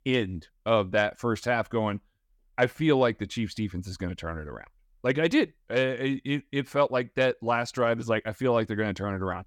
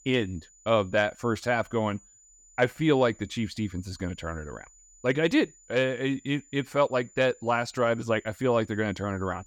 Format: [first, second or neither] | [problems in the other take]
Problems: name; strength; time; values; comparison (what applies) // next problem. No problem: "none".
first | high-pitched whine; faint; throughout; 7 kHz, 25 dB below the speech